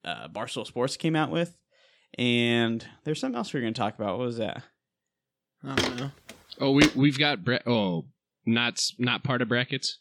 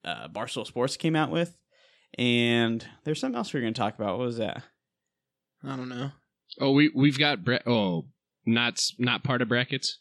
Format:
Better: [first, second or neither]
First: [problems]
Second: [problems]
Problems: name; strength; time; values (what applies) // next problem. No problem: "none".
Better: second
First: footsteps; loud; from 6 to 7 s; peak level with the speech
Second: none